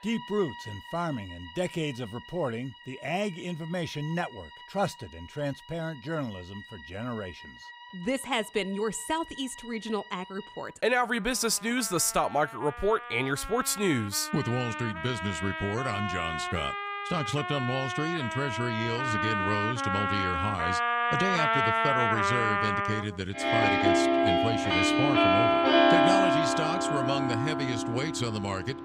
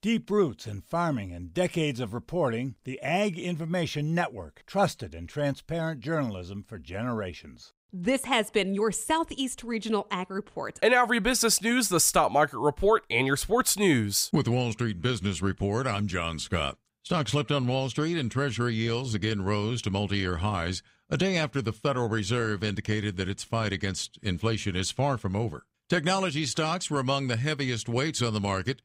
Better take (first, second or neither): second